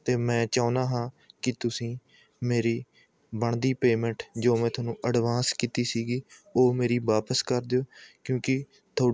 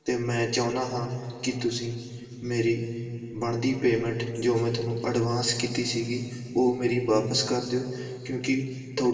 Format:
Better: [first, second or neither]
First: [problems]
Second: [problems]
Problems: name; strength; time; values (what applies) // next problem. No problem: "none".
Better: first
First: none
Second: room echo; dies away in 2.9 s